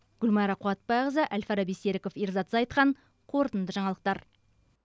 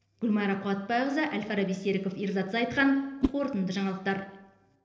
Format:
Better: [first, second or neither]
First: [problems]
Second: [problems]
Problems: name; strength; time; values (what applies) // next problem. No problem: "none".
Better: first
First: none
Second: noise reduction (neural separator model SepFormer DNS4)